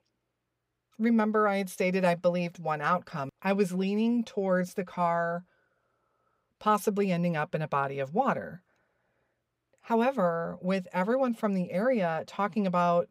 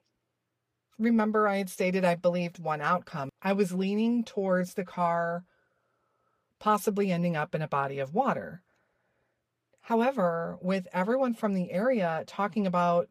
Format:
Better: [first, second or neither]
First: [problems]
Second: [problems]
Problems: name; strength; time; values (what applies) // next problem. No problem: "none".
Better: first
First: none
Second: garbled, watery; slightly; nothing above 15.5 kHz